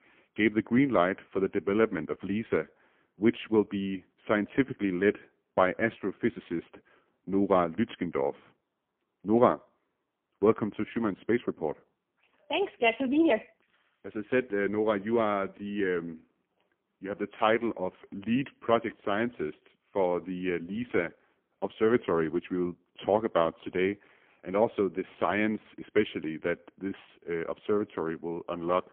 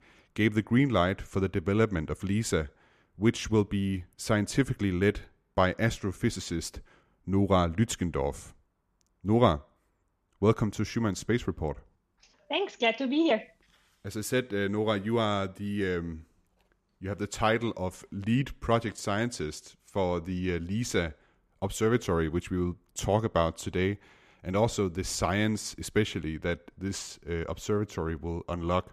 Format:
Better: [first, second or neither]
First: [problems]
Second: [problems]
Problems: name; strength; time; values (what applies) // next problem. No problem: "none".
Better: second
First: phone-call audio; poor line; nothing above 3 kHz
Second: none